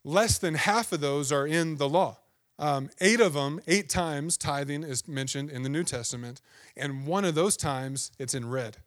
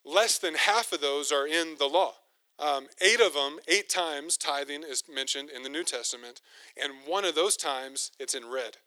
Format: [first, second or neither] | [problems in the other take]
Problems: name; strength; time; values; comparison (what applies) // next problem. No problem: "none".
first | thin; very; fading below 350 Hz